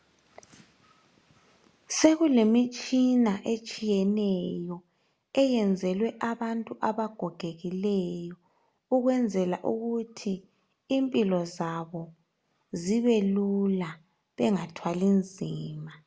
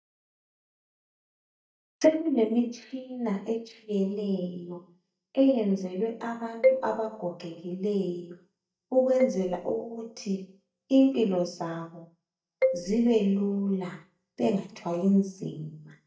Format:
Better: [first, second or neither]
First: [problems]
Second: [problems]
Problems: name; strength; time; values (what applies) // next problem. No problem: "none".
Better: first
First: none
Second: noise reduction (neural mask model DeepFilterNet 3)